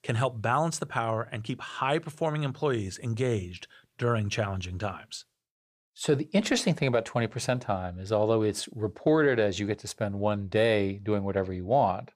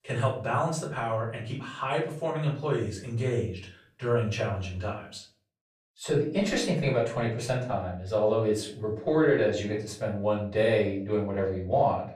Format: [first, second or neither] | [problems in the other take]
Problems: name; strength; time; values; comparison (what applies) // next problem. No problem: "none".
first | off-mic speech; far // room echo; slight; dies away in 0.4 s